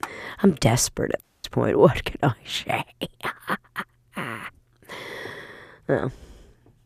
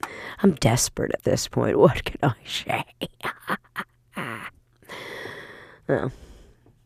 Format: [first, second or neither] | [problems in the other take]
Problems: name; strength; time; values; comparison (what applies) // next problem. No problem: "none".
second | audio cutting out; at 1 s